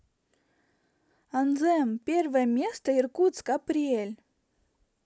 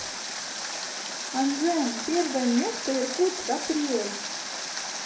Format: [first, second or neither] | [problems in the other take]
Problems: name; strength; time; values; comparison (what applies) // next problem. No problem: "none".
first | background sound (Water); 5 dB below the speech // room echo; dies away in 0.5 s